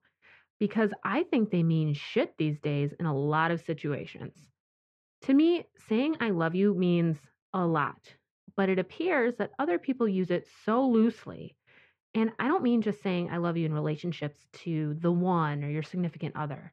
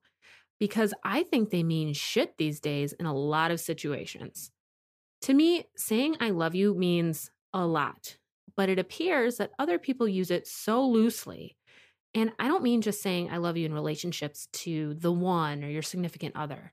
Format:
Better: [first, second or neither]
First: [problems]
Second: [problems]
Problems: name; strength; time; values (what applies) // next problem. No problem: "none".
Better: second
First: muffled; very; fading above 2 kHz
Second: none